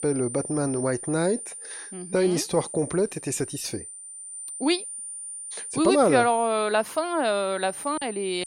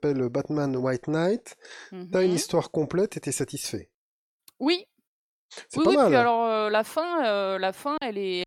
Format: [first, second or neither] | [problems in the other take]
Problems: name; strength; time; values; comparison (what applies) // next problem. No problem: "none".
second | high-pitched whine; noticeable; throughout; 9 kHz, 10 dB below the speech